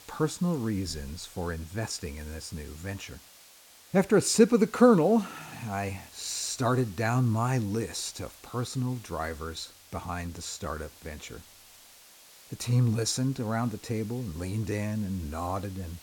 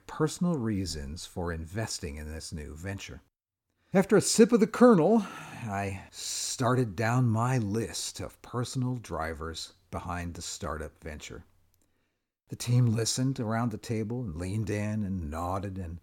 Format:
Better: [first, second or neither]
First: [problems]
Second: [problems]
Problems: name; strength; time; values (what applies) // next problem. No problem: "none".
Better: second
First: hiss; faint; throughout; 20 dB below the speech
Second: none